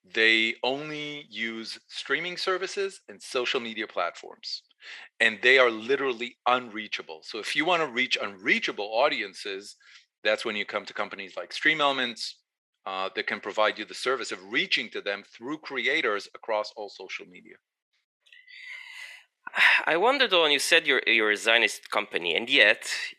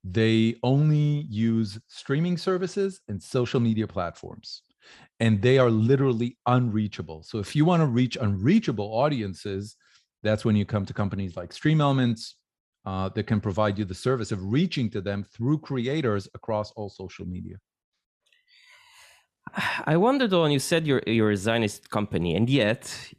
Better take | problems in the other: second | thin; very; fading below 400 Hz

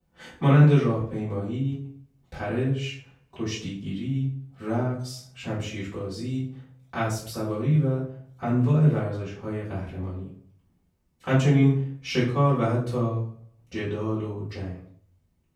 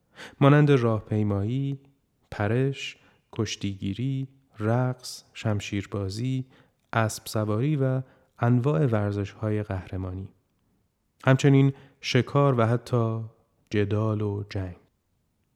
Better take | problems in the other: second | off-mic speech; far // room echo; noticeable; dies away in 0.4 s

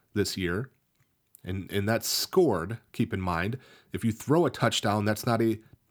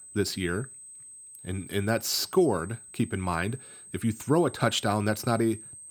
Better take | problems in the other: first | high-pitched whine; noticeable; throughout; 8.5 kHz, 15 dB below the speech

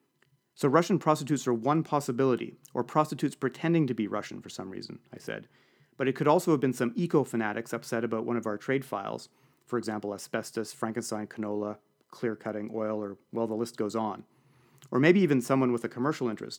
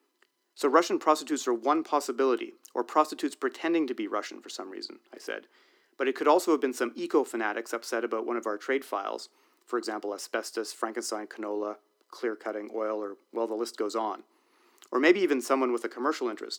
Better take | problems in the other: first | thin; somewhat; fading below 300 Hz

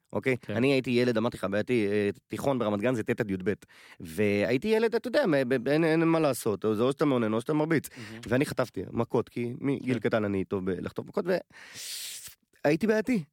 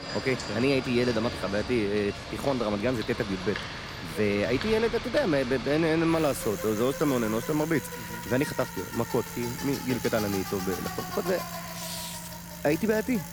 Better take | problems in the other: first | traffic noise; loud; throughout; 8 dB below the speech

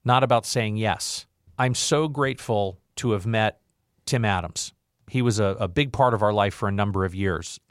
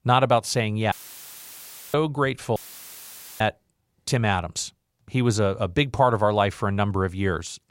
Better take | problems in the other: first | audio cutting out; filled with static; at 1 s for 1 s and at 2.5 s for 1 s

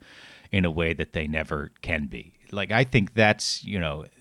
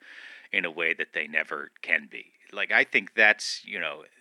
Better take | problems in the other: first | thin; very; fading below 300 Hz

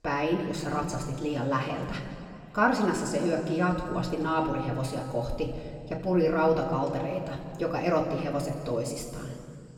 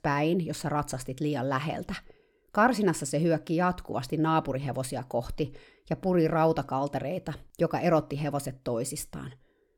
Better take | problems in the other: second | room echo; noticeable; dies away in 2.3 s // off-mic speech; far

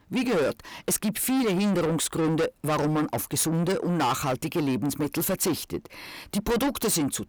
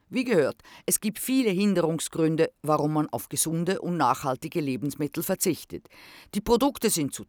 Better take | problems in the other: second | distortion; heavy; 6 dB below the speech

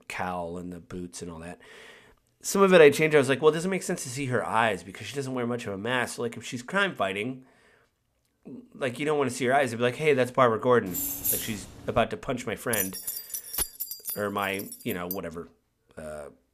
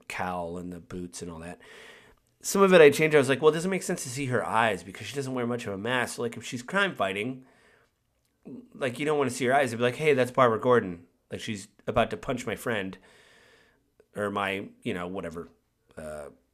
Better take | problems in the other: second | jangling keys; loud; at 11 s; peak level with the speech // jangling keys; noticeable; from 13 to 15 s; peak 3 dB below the speech

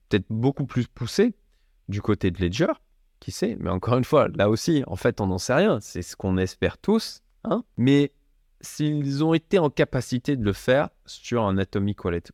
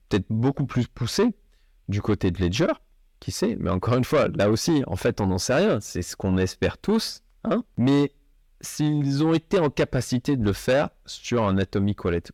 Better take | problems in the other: first | distortion; slight; 10 dB below the speech

